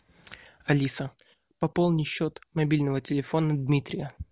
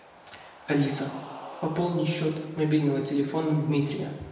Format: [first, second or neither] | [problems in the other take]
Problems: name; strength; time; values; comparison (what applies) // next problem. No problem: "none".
first | background sound (Cheering); 19 dB below the speech // room echo; dies away in 1 s